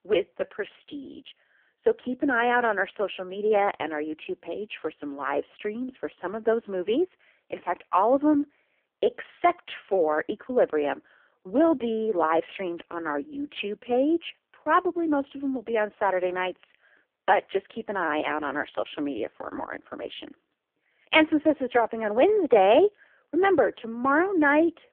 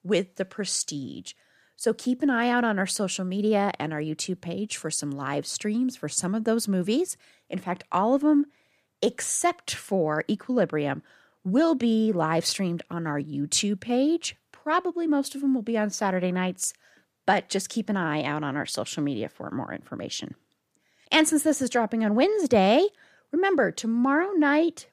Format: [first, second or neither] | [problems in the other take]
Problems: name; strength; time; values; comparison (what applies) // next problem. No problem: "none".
second | phone-call audio; poor line; nothing above 3 kHz